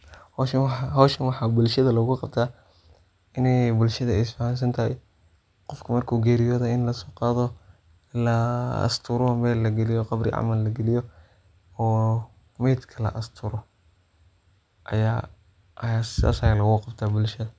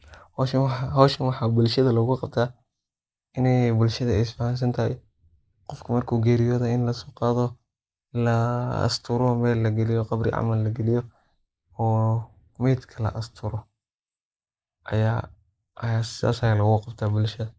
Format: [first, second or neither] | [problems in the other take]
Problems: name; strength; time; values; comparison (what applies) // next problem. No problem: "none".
first | noise reduction (neural mask model Resemble Enhance denoiser)